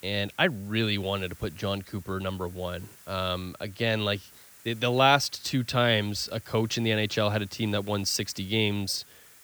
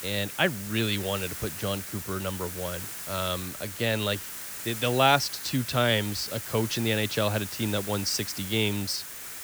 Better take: first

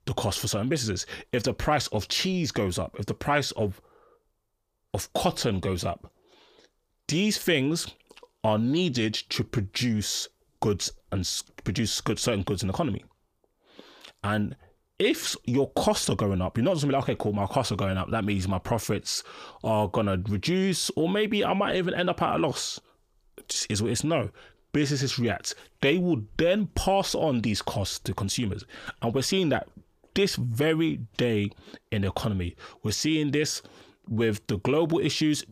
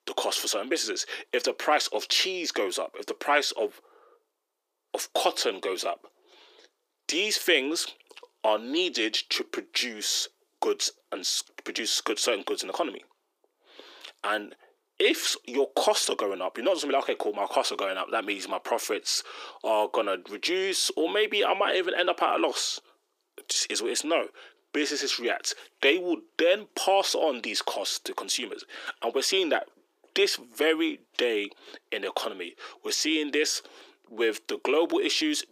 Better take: first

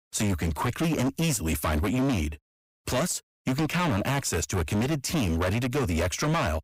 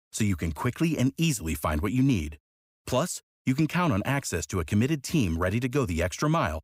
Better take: second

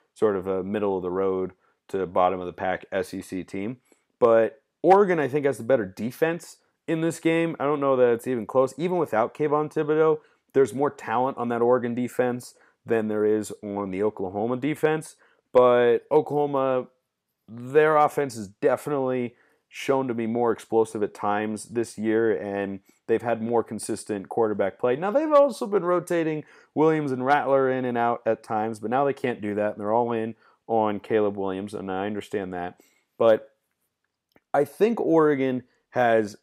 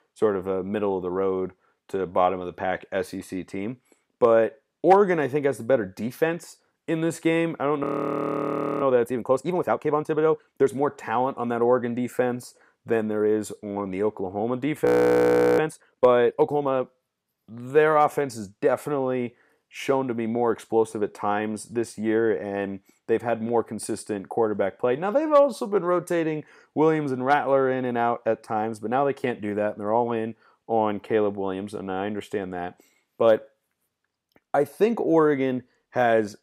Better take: first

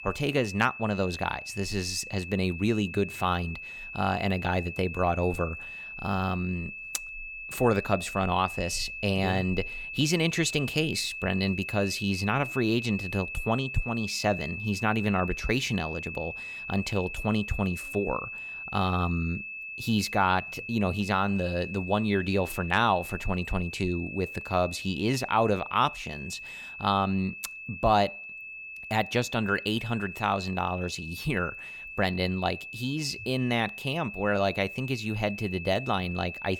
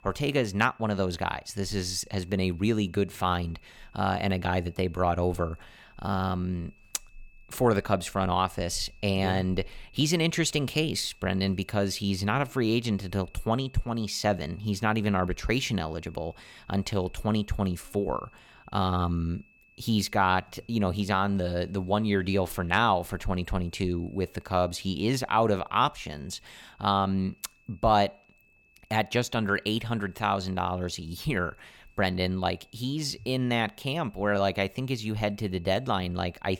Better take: second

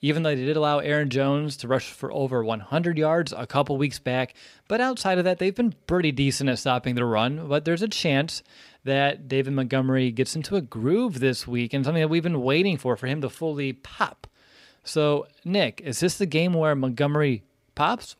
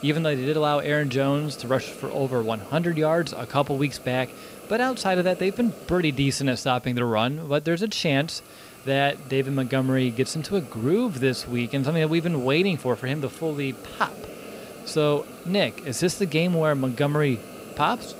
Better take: first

